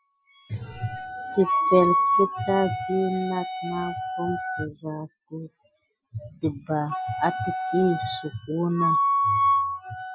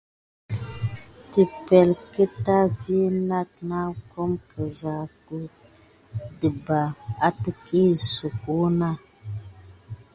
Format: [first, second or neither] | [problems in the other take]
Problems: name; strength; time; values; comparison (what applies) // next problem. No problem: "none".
second | noise reduction (classical method Wiener filter)